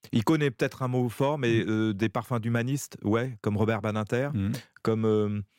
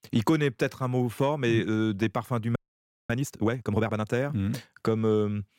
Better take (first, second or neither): first